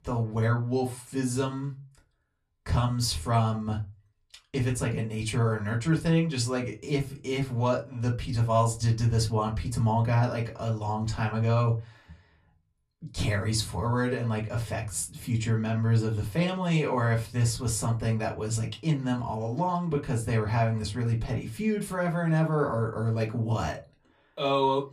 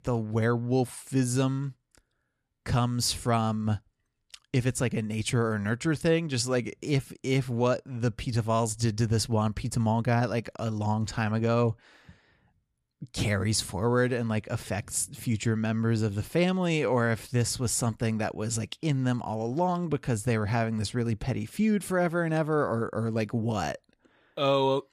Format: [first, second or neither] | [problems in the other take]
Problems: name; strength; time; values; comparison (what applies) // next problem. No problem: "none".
second | off-mic speech; far // room echo; very slight; dies away in 0.2 s